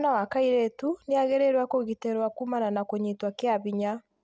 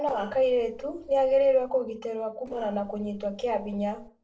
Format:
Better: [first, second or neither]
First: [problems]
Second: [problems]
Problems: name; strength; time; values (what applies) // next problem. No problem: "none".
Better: first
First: none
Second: noise reduction (neural separator model SepFormer DNS4)